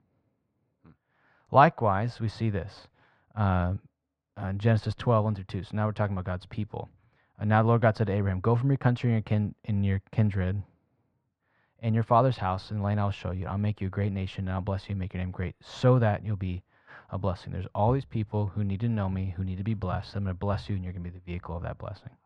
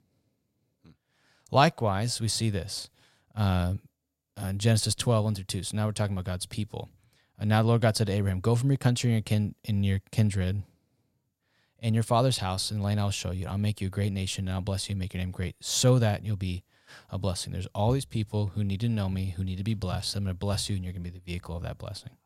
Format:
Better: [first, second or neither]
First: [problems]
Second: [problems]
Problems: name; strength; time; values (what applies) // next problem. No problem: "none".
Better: second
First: muffled; very; fading above 1.5 kHz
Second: none